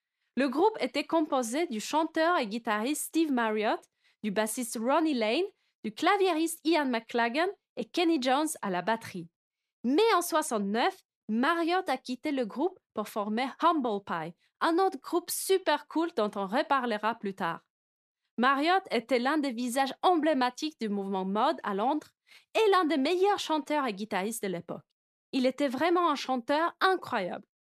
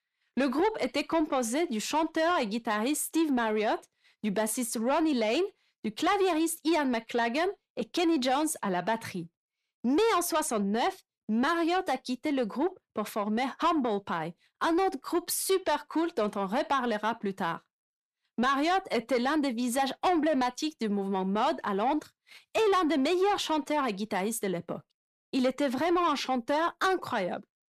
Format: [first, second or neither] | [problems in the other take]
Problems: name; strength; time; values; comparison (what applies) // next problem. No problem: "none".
first | distortion; slight; 10 dB below the speech